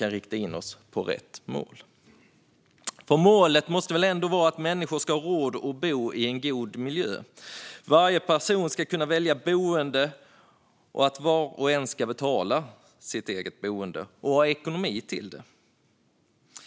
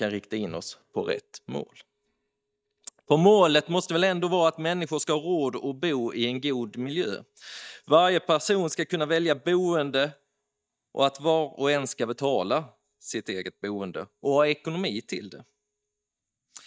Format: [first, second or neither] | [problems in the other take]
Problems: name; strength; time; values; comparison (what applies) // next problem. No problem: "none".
first | noise reduction (neural mask model DeepFilterNet 3)